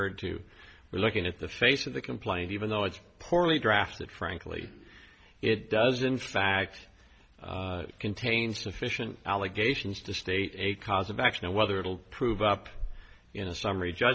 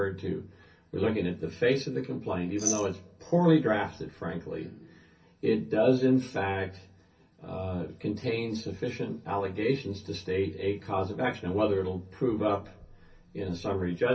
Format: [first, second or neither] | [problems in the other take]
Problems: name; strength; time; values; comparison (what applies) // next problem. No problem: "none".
first | background sound (Glass); 3 dB below the speech // room echo; dies away in 0.3 s